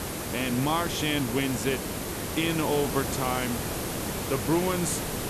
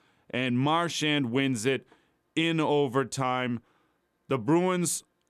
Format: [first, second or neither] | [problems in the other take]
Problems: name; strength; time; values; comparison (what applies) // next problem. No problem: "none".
second | hiss; loud; throughout; 3 dB below the speech